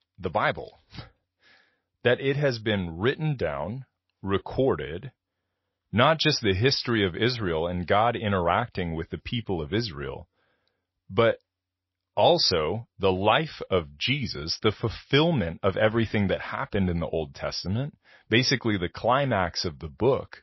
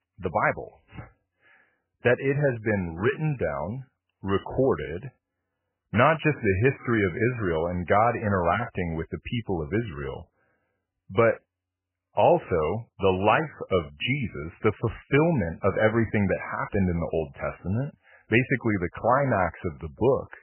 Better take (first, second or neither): first